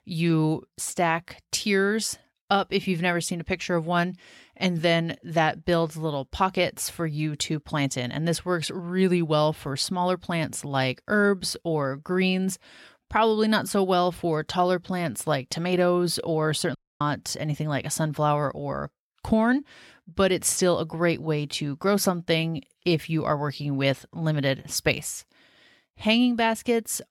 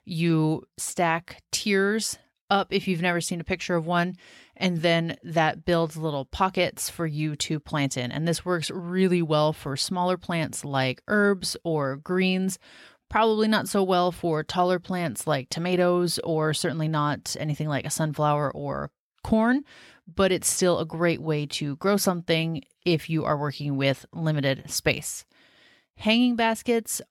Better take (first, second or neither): second